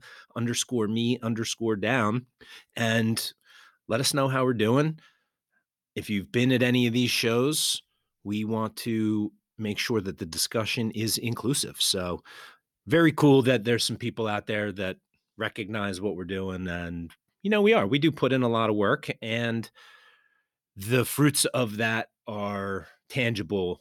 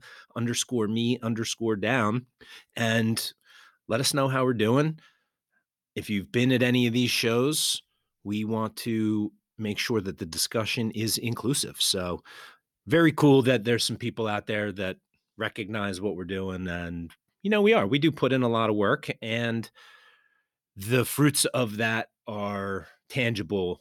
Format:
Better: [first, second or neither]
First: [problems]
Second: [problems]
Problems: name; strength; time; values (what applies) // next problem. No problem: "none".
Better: neither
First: none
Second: none